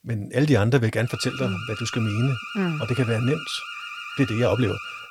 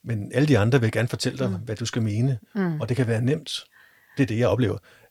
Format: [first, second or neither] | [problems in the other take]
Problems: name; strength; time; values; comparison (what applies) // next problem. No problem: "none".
second | alarm; noticeable; from 1 s on; peak 9 dB below the speech